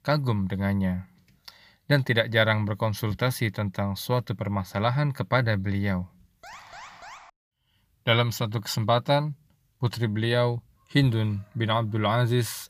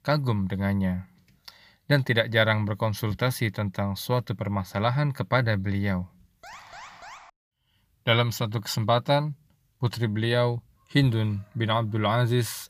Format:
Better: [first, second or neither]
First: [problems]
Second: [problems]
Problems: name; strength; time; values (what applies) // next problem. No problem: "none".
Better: neither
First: alarm; faint; at 6.5 s; peak 15 dB below the speech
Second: alarm; faint; at 6.5 s; peak 15 dB below the speech